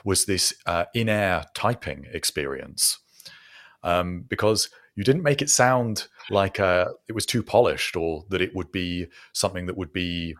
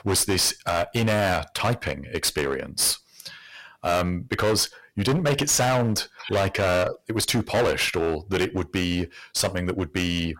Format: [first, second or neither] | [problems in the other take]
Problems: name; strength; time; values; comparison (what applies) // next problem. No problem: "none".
first | distortion; heavy; 16% of the sound clipped